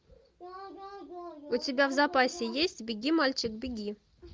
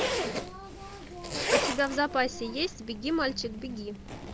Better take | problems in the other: first | background sound (Zipper (clothing)); 2 dB below the speech

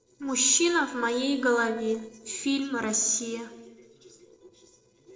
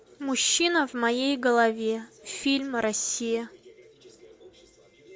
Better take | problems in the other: second | noise reduction (neural separator model SepFormer DNS4)

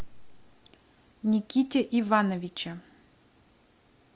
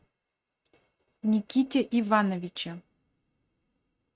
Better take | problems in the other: first | noise reduction (neural mask model RNNoise)

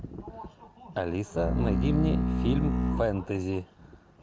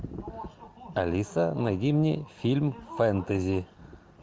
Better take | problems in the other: second | background sound (Bowed string instrument); 3 dB above the speech

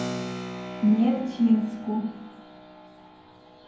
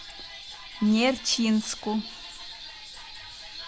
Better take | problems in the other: second | background sound (Keyboard (musical)); 11 dB below the speech // room echo; dies away in 0.9 s

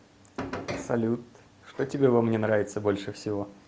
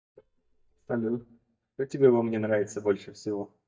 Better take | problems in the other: first | noise reduction (neural mask model DeepFilterNet 3)

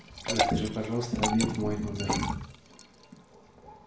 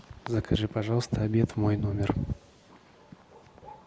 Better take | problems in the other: second | background sound (Liquid); 3 dB below the speech // room echo; dies away in 0.5 s

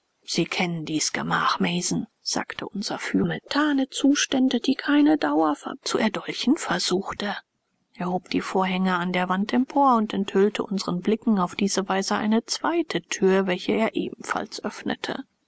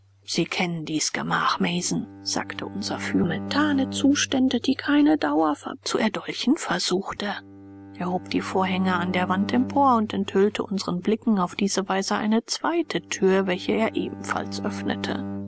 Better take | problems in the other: first | background sound (Bowed string instrument); 13 dB below the speech

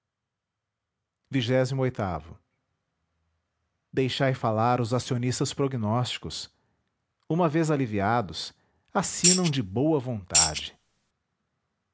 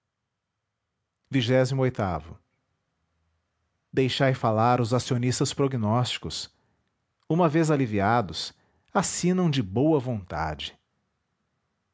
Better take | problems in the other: second | background sound (Tambourine); 3 dB above the speech

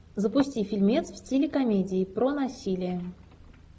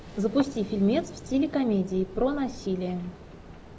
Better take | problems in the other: first | background sound (Ocean); 15 dB below the speech

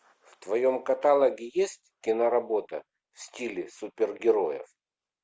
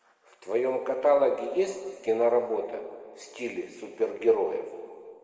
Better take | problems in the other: first | room echo; dies away in 1.9 s

